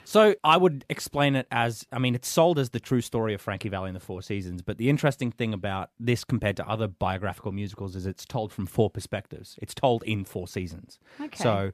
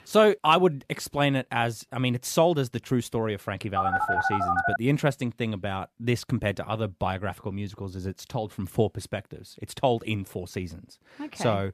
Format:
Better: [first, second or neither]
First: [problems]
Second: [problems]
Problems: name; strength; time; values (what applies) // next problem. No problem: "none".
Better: first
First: none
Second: phone ringing; loud; from 4 to 5 s; peak 3 dB above the speech